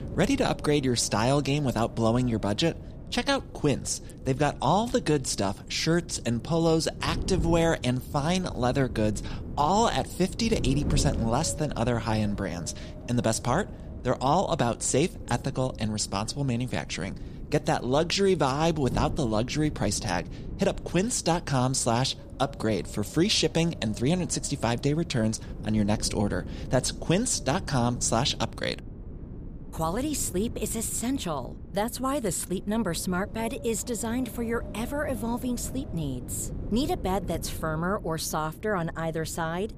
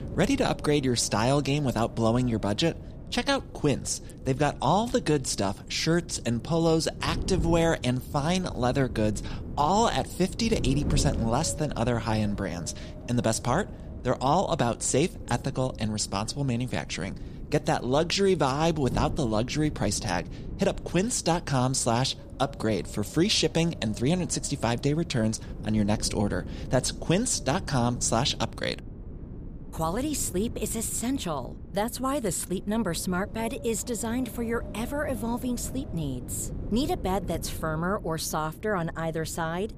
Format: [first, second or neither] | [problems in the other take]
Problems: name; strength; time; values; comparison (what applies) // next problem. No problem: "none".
neither | wind noise on the microphone; occasional gusts; 20 dB below the speech; the same in both